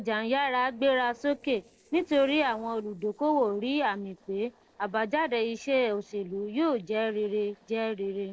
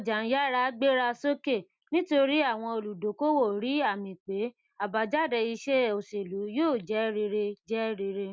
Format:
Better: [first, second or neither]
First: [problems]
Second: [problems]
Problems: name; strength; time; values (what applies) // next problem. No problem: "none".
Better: second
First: noise reduction (neural separator model SepFormer DNS4)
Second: none